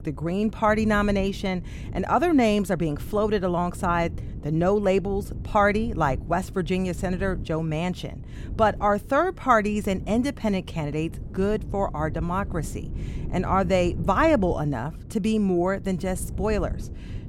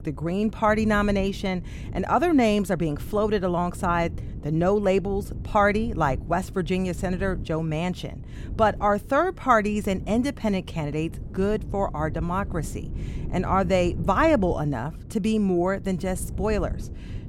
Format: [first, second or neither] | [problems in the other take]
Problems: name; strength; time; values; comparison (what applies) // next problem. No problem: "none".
neither | wind noise on the microphone; occasional gusts; 20 dB below the speech; the same in both